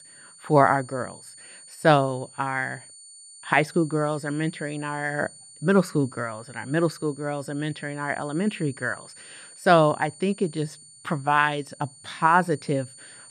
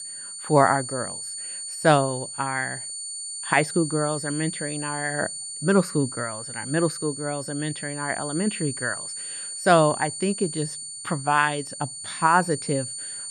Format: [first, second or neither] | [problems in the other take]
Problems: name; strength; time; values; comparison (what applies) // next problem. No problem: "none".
first | high-pitched whine; loud; throughout; 9 kHz, 7 dB below the speech; faint in the first